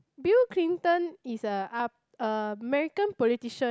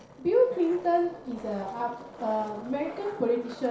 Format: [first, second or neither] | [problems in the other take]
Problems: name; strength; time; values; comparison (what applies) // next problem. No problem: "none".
first | background sound (Skateboard); 17 dB below the speech // room echo; dies away in 0.6 s